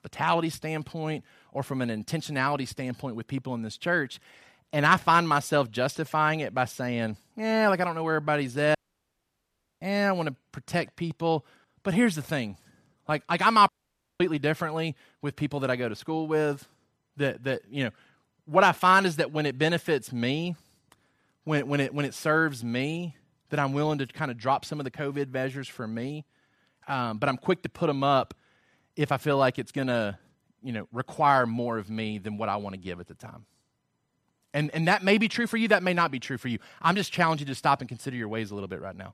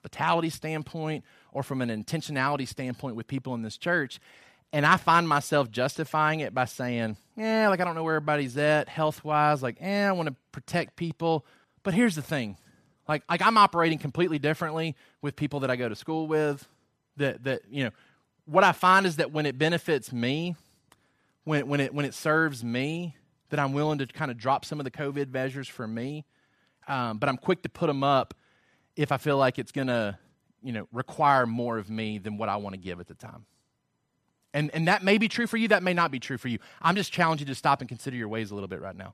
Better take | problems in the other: second | audio cutting out; at 9 s for 1 s and at 14 s for 0.5 s

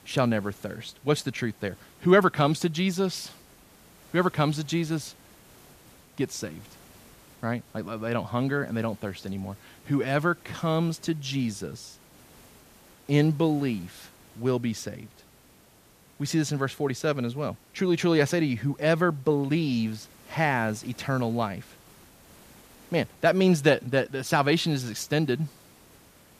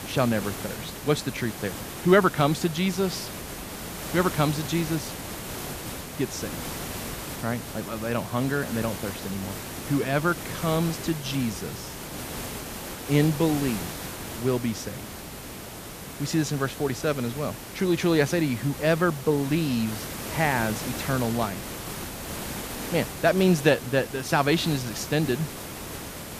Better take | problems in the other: first | hiss; loud; throughout; 9 dB below the speech; faint in the first

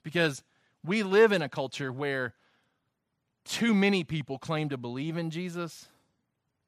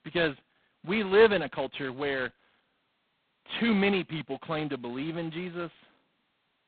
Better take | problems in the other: first | phone-call audio; poor line; nothing above 4 kHz

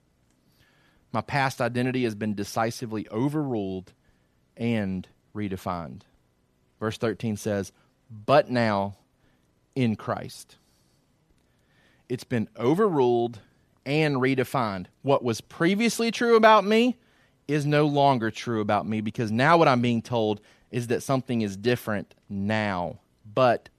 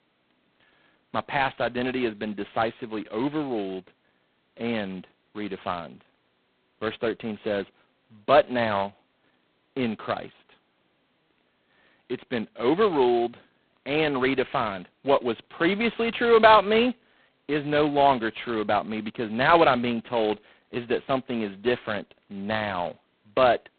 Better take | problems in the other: first | phone-call audio; poor line; nothing above 4 kHz

